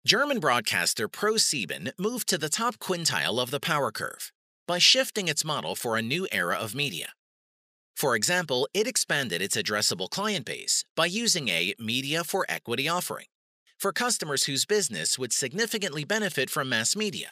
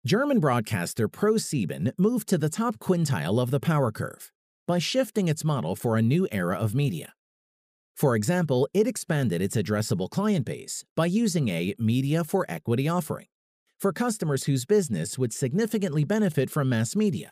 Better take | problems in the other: second | thin; somewhat; fading below 900 Hz

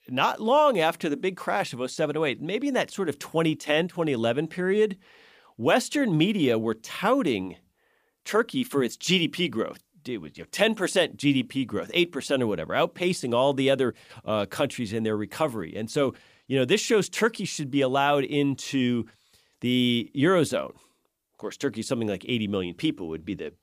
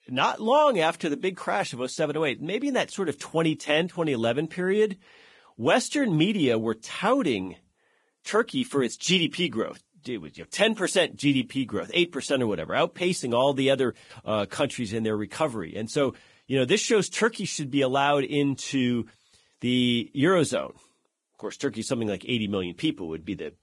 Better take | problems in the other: first | garbled, watery; badly; nothing above 10.5 kHz

